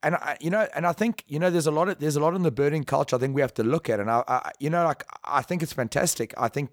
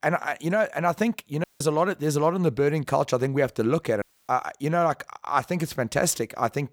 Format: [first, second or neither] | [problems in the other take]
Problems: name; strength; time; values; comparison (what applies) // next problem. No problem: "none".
first | audio cutting out; at 1.5 s and at 4 s